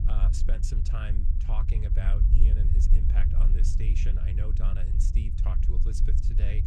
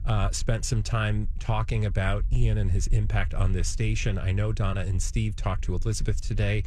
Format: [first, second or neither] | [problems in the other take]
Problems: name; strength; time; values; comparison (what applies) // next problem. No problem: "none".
second | low rumble; loud; throughout; 2 dB below the speech; faint in the second